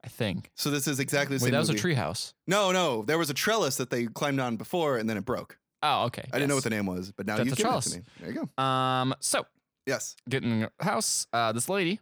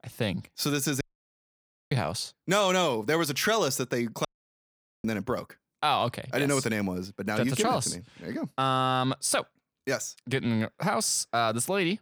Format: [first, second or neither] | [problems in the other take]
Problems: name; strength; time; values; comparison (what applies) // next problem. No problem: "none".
first | audio cutting out; at 1 s for 1 s and at 4.5 s for 1 s